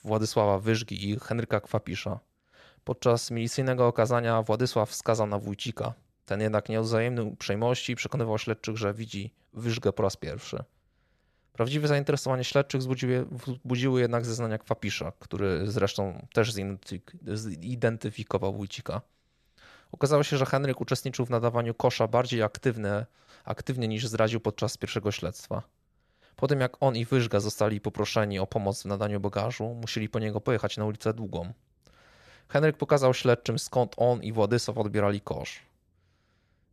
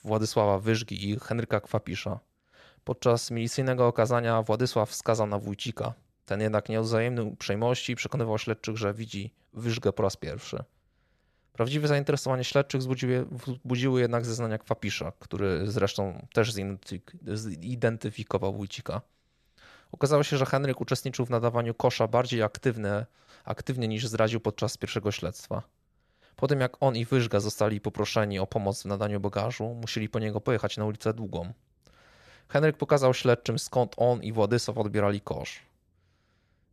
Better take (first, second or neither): neither